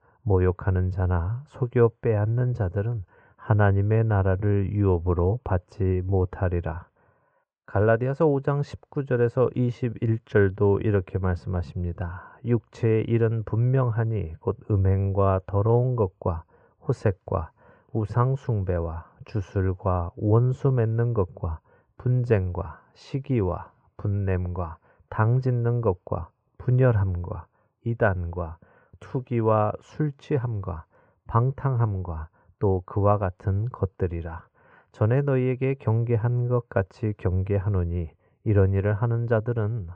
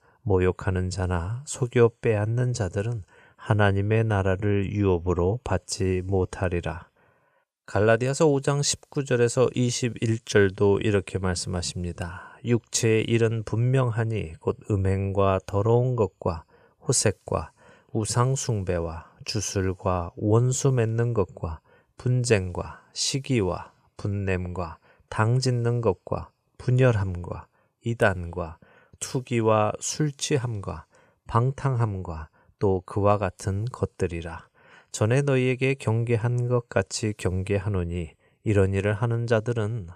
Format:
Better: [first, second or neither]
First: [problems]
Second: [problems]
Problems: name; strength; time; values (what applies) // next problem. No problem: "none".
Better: second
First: muffled; very; fading above 1.5 kHz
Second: none